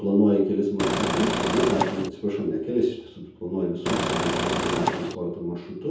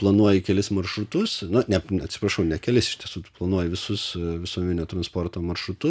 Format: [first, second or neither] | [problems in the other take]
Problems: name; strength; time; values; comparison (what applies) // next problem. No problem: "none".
second | background sound (Engine / Car); 1 dB above the speech // room echo; dies away in 0.7 s